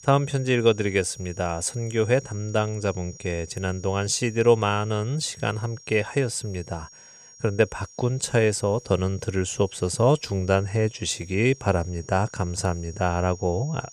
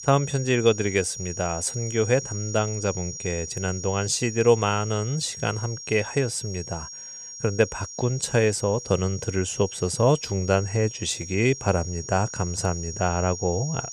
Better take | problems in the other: first | high-pitched whine; loud; throughout; 5.5 kHz, 10 dB below the speech; faint in the first

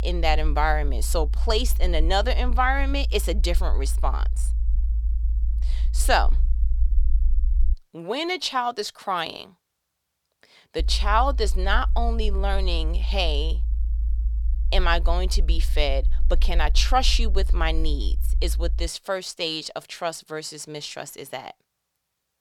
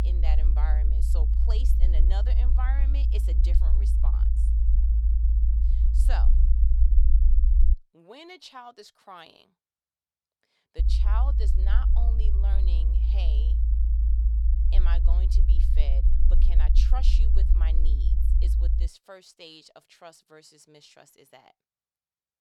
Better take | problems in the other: first | low rumble; loud; until 7.5 s and from 11 to 19 s; 3 dB below the speech; faint in the first

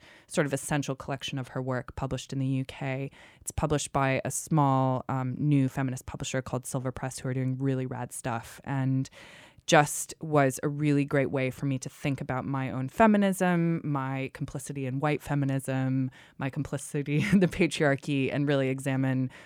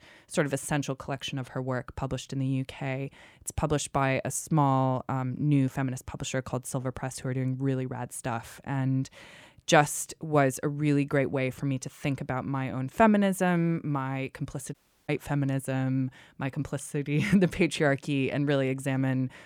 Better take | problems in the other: first | audio cutting out; at 15 s

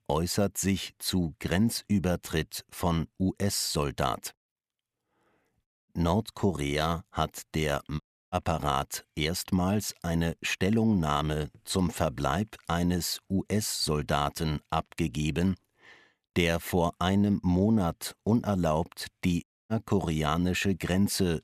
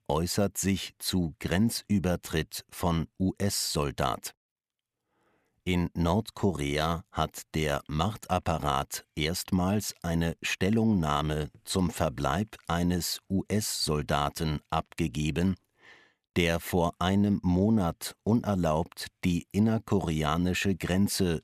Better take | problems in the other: second | audio cutting out; at 5.5 s, at 8 s and at 19 s

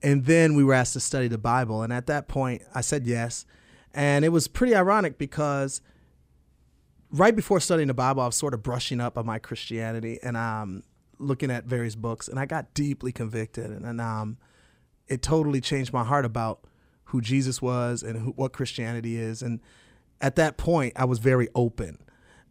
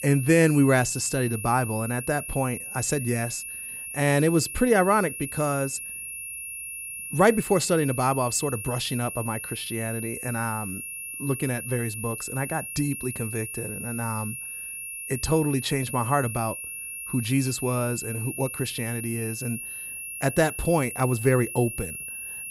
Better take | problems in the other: first | high-pitched whine; loud; throughout; 2.5 kHz, 7 dB below the speech

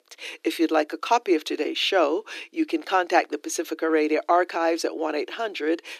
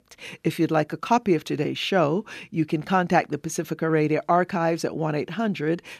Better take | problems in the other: second | thin; very; fading below 300 Hz

